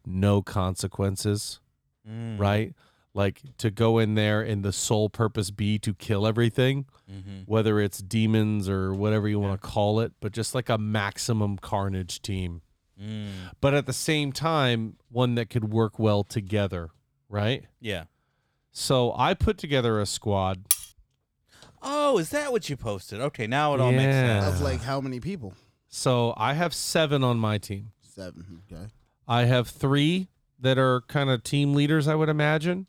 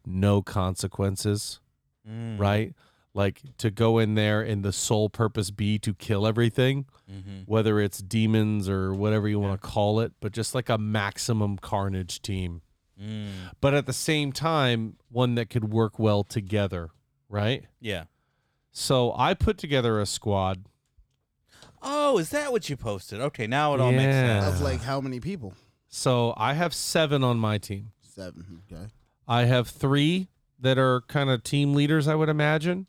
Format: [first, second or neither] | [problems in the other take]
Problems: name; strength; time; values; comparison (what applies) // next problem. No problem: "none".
second | clattering dishes; very faint; at 21 s; peak 1 dB above the speech